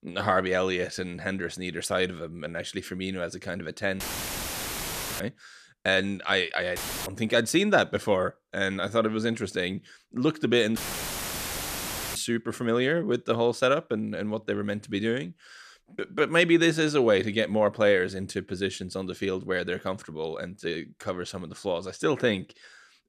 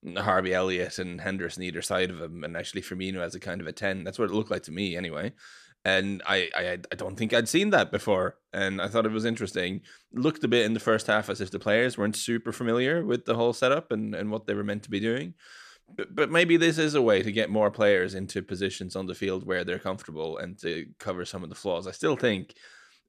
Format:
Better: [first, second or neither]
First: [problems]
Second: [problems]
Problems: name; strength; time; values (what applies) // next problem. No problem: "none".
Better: second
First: audio cutting out; filled with static; at 4 s for 1 s, at 7 s and at 11 s for 1.5 s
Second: none